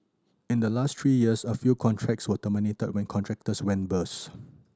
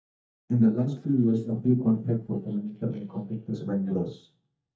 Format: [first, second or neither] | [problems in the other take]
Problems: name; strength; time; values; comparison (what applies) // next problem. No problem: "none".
first | noise reduction (neural mask model DeepFilterNet 3)